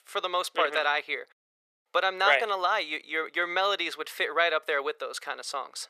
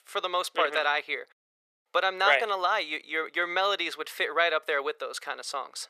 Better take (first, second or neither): neither